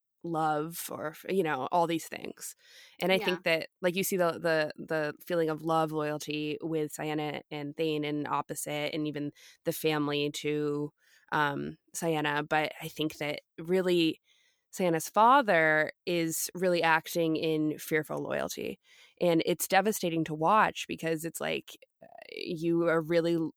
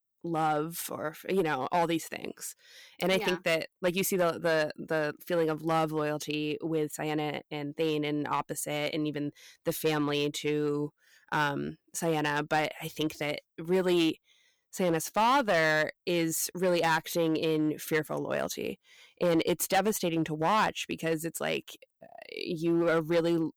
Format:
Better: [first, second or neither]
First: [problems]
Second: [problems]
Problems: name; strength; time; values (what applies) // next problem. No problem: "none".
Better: first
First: none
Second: distortion; slight; 4% of the sound clipped